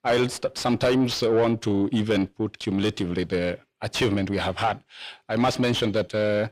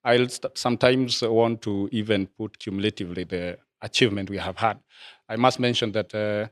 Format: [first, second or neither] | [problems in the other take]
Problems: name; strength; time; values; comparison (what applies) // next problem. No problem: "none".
second | distortion; heavy; 6 dB below the speech